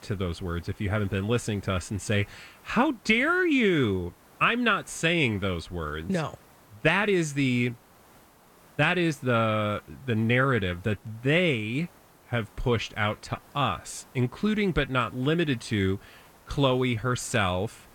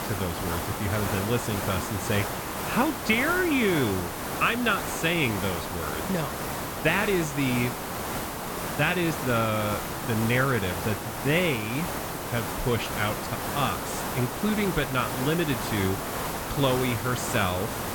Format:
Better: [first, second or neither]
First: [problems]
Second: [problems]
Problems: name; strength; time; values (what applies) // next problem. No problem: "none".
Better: first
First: hiss; faint; throughout; 30 dB below the speech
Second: hiss; loud; throughout; 4 dB below the speech